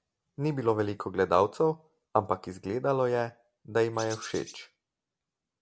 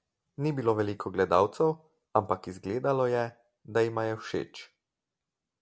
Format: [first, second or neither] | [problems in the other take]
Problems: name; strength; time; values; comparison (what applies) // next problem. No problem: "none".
second | background sound (Bird); 15 dB below the speech